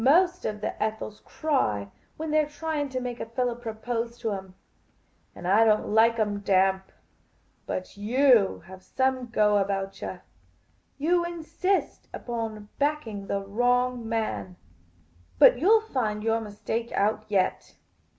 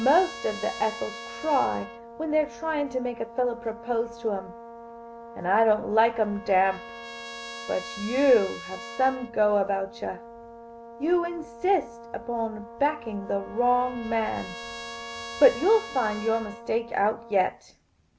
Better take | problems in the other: first | background sound (Trumpet + Brass instrument); 14 dB below the speech

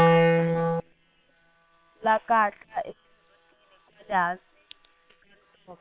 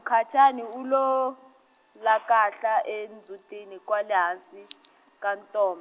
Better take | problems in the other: second | noise reduction (neural separator model SepFormer WHAM!)

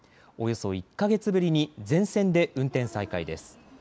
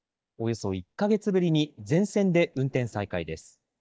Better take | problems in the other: first | noise reduction (neural mask model DeepFilterNet 3)

